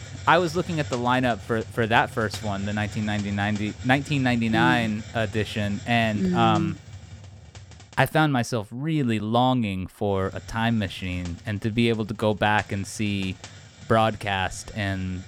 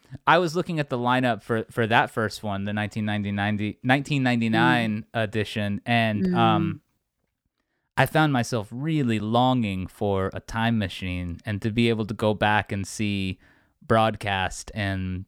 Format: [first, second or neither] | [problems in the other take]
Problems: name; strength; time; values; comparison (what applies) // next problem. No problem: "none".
second | hiss; noticeable; until 8 s and from 10 s on; 15 dB below the speech